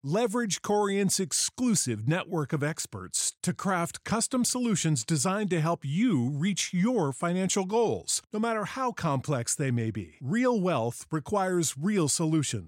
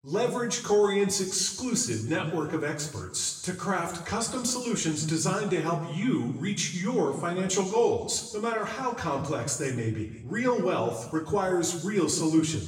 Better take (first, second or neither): first